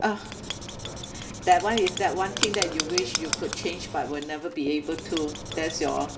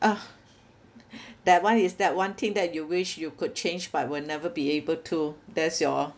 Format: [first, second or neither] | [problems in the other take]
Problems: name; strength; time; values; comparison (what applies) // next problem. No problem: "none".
second | background sound (Writing); 5 dB below the speech // room echo; dies away in 1.4 s